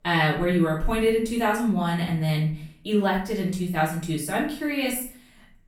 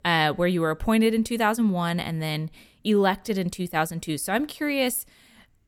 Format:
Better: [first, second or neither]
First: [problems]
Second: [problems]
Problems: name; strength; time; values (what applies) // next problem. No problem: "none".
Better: second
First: room echo; slight; dies away in 0.4 s // off-mic speech; far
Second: none